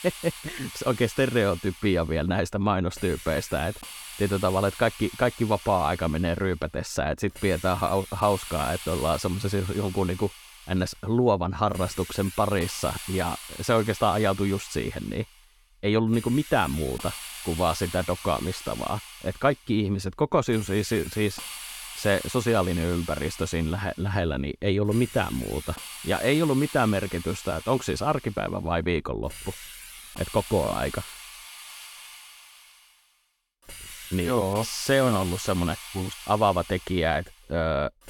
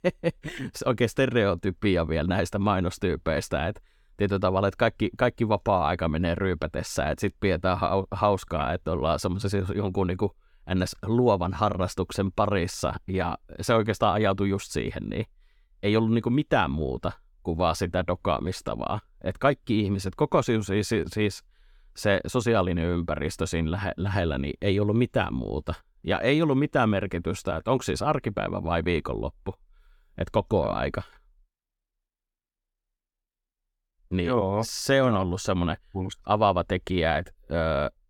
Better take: second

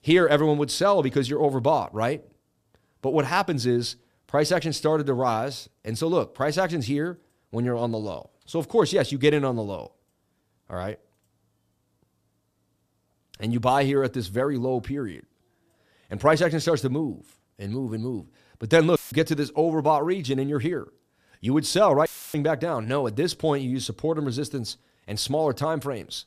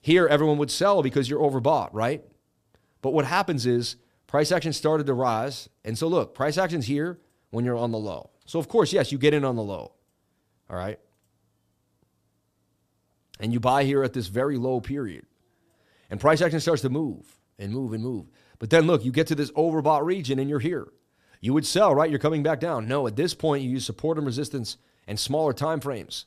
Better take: second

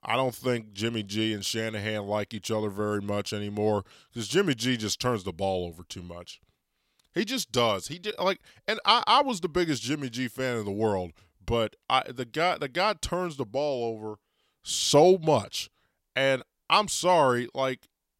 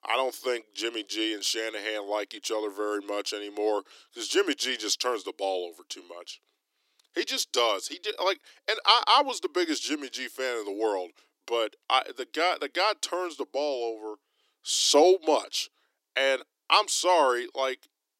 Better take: first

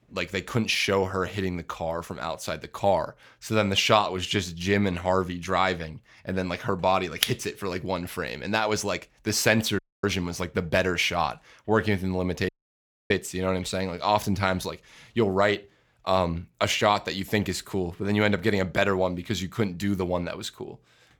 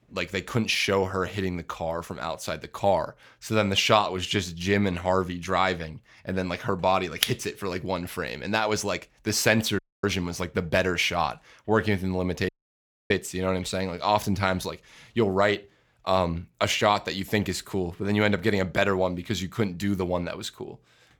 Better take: neither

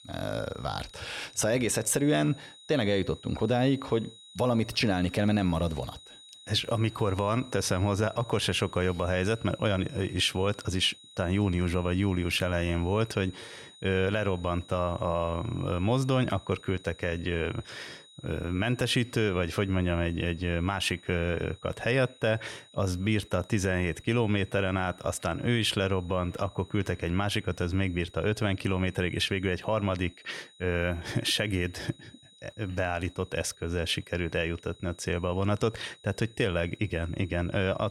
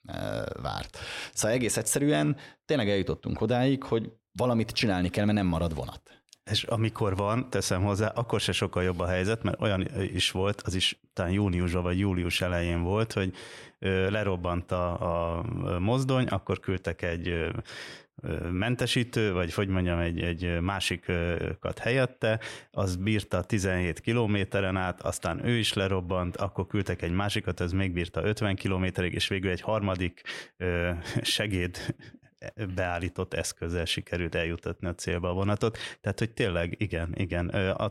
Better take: second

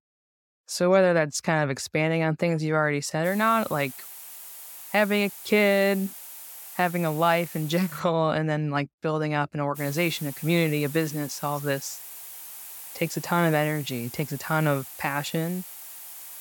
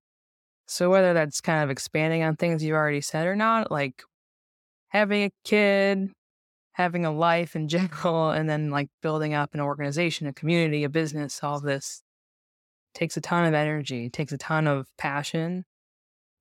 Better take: second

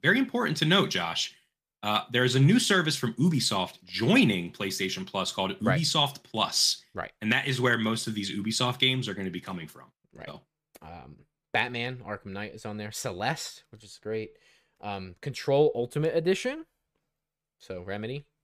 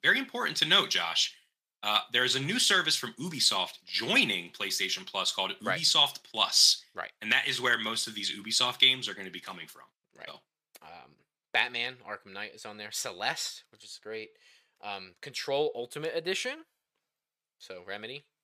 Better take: first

